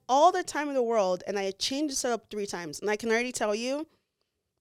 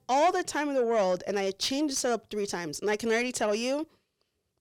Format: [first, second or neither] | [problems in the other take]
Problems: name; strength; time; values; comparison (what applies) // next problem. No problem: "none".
first | distortion; slight; 10 dB below the speech